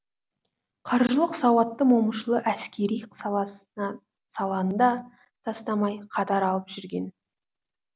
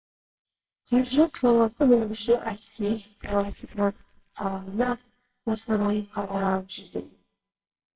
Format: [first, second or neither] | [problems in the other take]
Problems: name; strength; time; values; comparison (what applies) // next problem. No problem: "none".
first | noise reduction (neural separator model SepFormer WHAMR!)